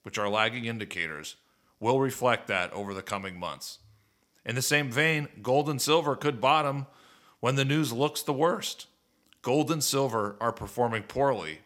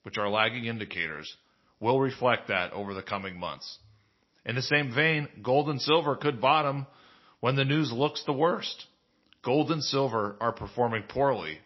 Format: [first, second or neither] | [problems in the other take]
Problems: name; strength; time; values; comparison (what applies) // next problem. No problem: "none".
first | garbled, watery; slightly; nothing above 5.5 kHz